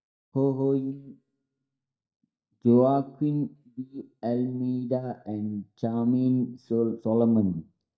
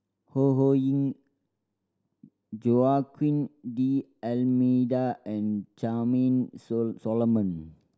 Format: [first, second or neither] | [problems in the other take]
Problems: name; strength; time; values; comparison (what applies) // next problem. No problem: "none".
second | noise reduction (neural mask model DeepFilterNet 3)